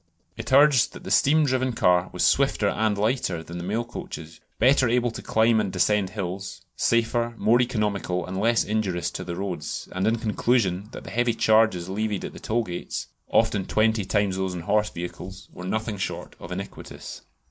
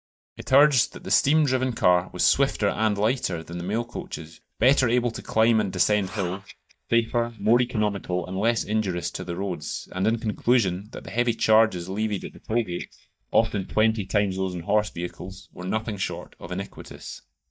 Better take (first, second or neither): first